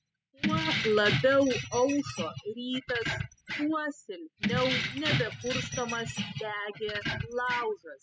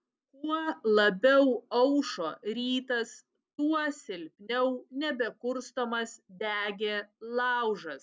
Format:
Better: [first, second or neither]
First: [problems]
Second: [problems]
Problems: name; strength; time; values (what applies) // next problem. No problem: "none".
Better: second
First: noise reduction (classical method spectral subtraction)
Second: none